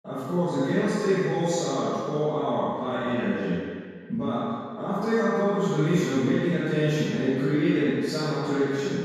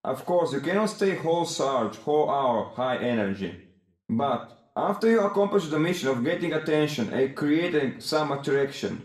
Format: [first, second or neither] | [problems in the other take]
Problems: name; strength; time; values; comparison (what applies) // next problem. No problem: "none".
second | room echo; strong; dies away in 1.8 s; slight in the second // off-mic speech; far; somewhat distant in the second